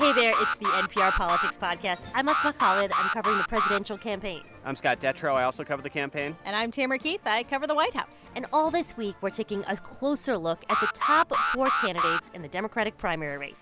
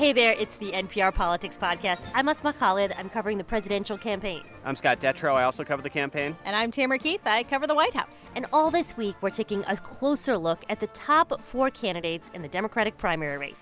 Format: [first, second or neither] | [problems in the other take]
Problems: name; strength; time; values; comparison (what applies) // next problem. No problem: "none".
second | background sound (Alarm); 2 dB above the speech